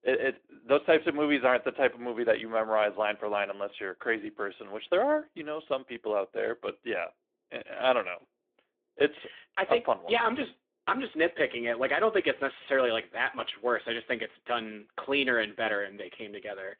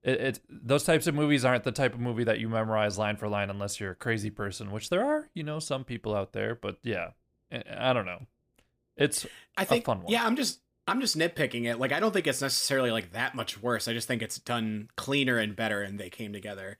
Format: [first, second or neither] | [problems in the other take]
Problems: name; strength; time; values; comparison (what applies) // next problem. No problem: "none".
second | phone-call audio; nothing above 3.5 kHz